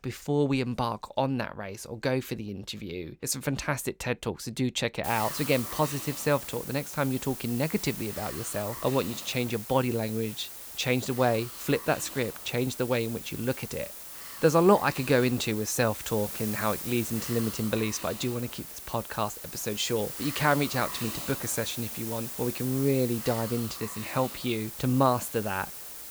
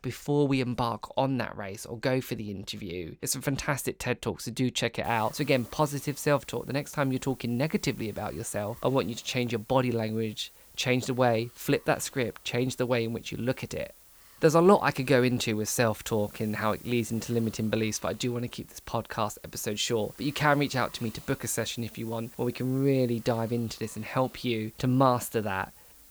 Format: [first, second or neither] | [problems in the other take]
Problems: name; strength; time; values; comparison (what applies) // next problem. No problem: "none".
second | hiss; loud; from 5 s on; 8 dB below the speech; faint in the second